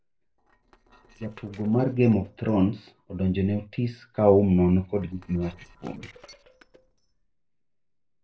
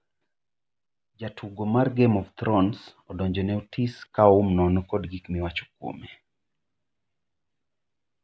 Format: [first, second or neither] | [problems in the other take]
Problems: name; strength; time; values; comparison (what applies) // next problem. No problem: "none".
second | noise reduction (neural separator model SepFormer DNS4)